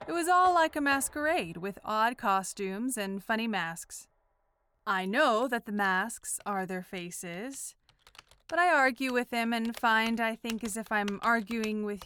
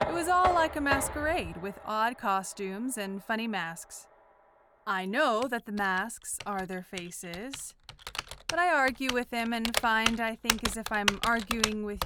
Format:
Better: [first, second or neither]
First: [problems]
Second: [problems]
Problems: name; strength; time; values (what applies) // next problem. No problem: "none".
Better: first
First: household noises; faint; throughout; 20 dB below the speech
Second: household noises; loud; throughout; 3 dB below the speech